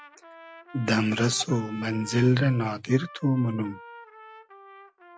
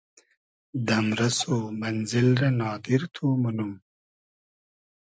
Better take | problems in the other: second | background sound (Trumpet); 19 dB below the speech

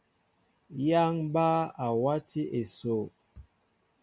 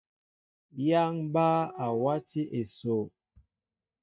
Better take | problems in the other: first | noise reduction (neural mask model DeepFilterNet 3)

